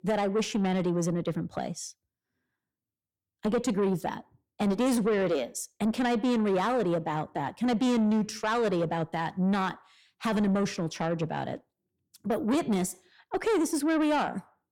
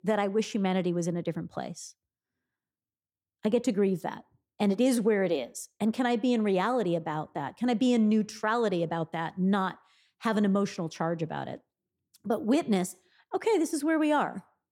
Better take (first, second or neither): second